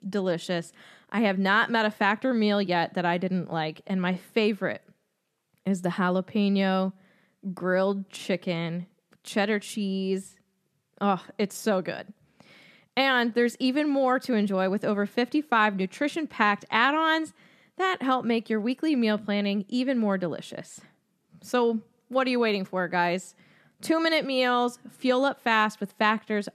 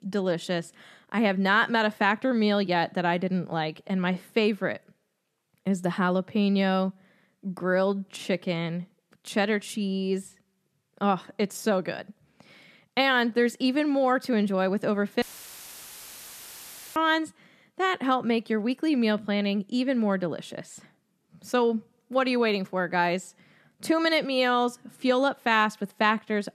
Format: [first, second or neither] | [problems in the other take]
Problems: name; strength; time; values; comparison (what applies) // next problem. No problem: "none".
first | audio cutting out; filled with static; at 15 s for 1.5 s